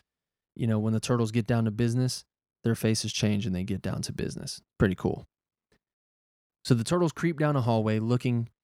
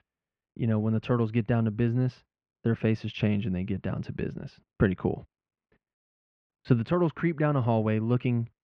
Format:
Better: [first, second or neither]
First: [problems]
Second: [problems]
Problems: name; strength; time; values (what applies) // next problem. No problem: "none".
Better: first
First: none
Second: muffled; very; fading above 2.5 kHz